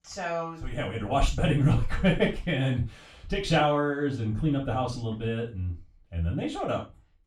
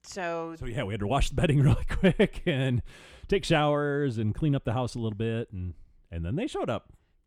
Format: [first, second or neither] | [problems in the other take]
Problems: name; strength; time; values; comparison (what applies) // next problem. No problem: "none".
second | room echo; slight; dies away in 0.3 s // off-mic speech; far